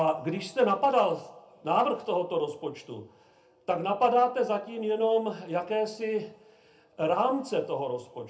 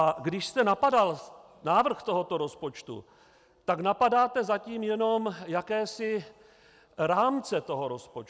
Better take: second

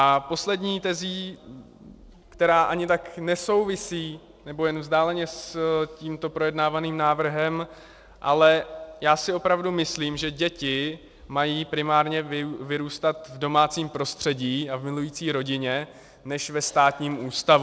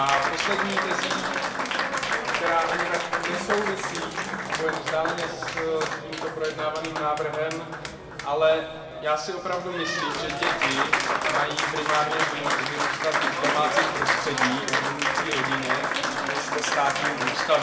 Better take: first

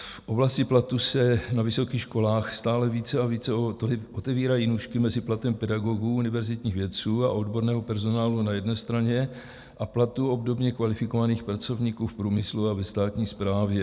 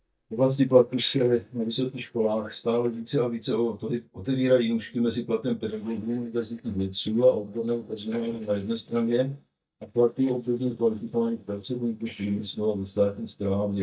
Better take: first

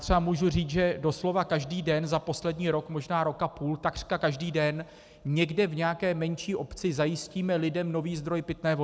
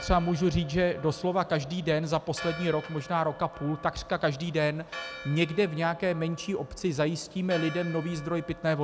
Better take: first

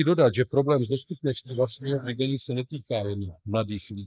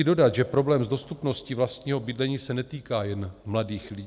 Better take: second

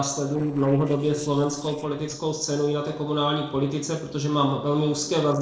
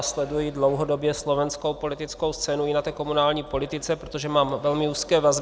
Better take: second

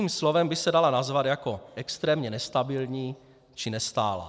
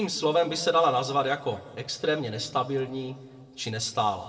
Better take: first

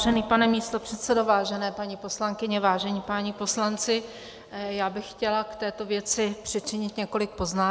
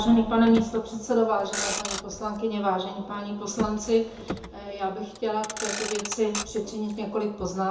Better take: first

